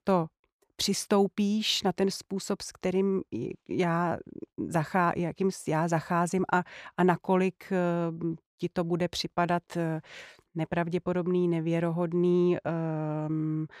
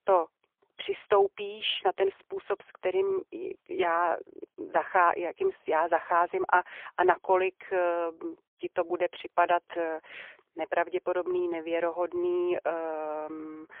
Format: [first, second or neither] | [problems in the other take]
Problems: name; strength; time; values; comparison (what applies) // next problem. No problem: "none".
first | phone-call audio; poor line; nothing above 3.5 kHz